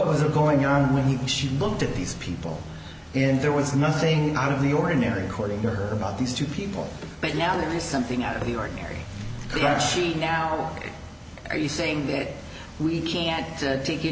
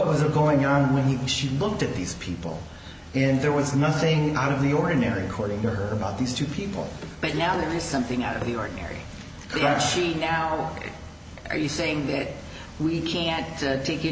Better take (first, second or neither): second